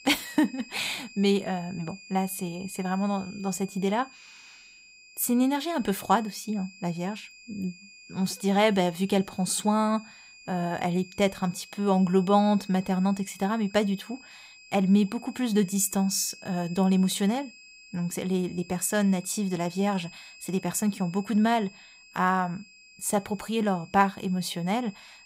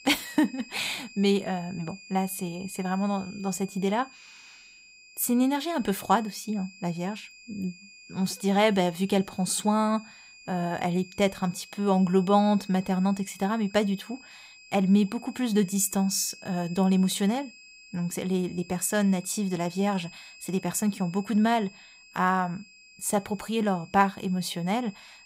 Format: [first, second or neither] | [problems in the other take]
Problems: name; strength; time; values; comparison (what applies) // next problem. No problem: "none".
neither | high-pitched whine; faint; throughout; 2.5 kHz, 20 dB below the speech; the same in both